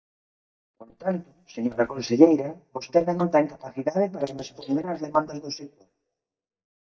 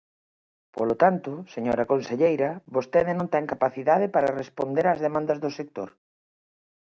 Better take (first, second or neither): second